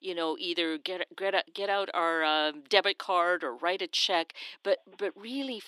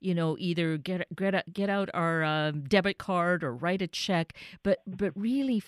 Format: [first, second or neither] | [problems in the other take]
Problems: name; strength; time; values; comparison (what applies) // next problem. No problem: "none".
second | thin; very; fading below 300 Hz